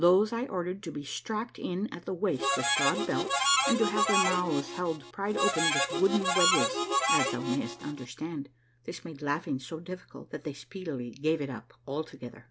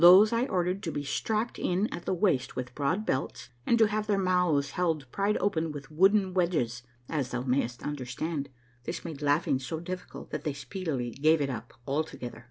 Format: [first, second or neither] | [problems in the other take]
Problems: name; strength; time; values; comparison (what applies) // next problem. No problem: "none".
second | background sound (Harmonica); 2 dB above the speech